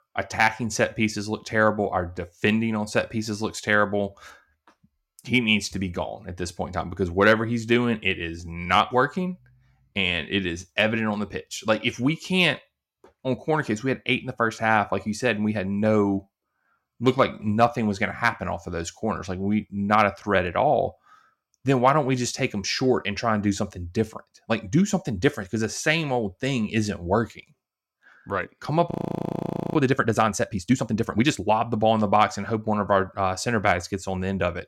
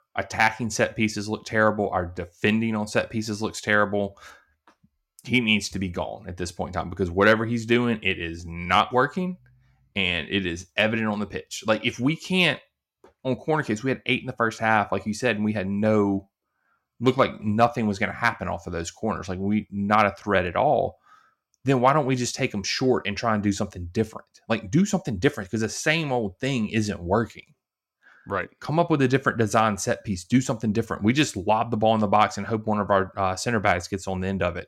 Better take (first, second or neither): second